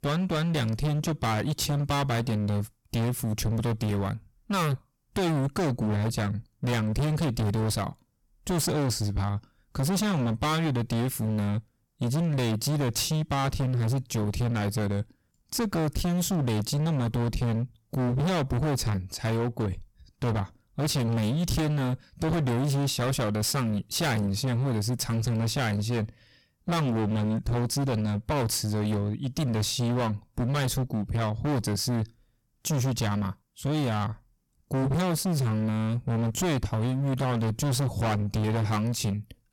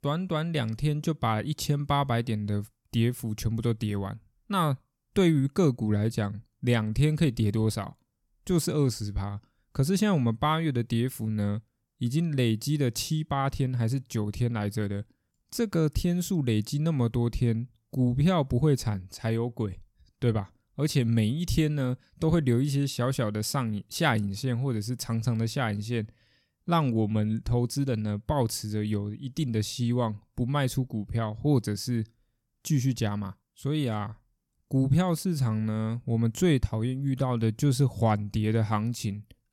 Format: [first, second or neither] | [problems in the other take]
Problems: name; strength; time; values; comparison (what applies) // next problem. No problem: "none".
second | distortion; heavy; 32% of the sound clipped